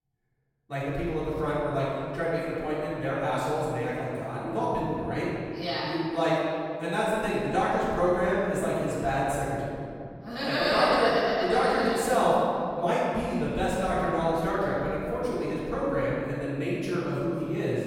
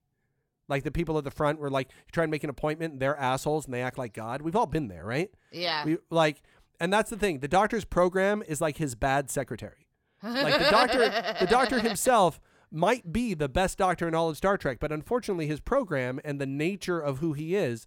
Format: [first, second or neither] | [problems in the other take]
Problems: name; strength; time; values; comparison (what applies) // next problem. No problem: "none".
second | off-mic speech; far // room echo; strong; dies away in 2.4 s